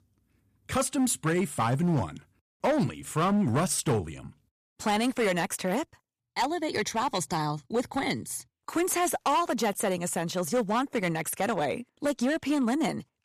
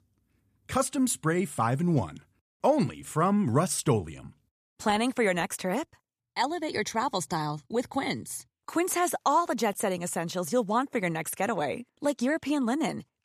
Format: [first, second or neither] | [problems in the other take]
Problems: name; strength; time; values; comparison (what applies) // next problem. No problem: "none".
second | distortion; slight; 8% of the sound clipped